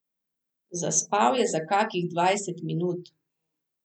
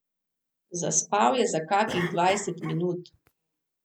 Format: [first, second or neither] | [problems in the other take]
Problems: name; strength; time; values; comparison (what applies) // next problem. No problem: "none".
first | background sound (Cough); 14 dB below the speech